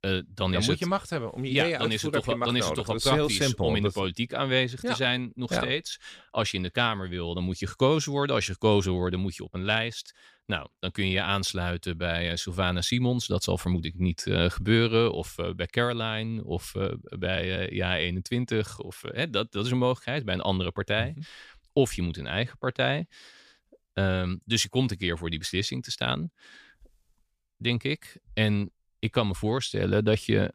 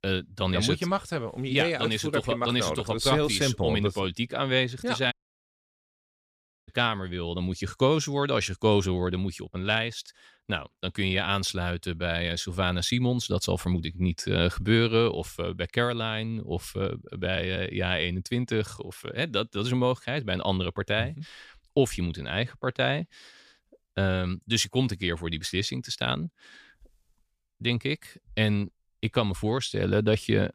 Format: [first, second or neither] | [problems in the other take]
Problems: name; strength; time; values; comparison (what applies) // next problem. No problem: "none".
first | audio cutting out; at 5 s for 1.5 s